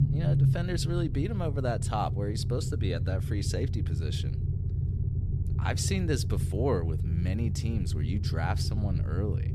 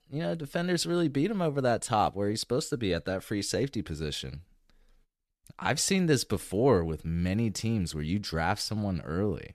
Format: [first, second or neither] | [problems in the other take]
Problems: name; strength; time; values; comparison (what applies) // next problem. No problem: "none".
second | low rumble; loud; throughout; 7 dB below the speech